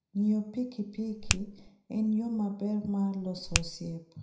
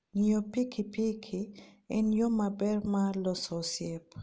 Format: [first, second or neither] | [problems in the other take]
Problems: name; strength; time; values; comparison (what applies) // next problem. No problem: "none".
second | background sound (Finger snapping); 1 dB below the speech // room echo; dies away in 0.4 s